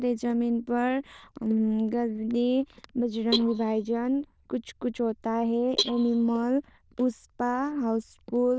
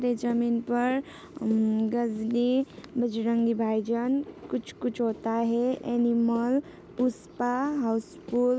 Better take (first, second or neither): second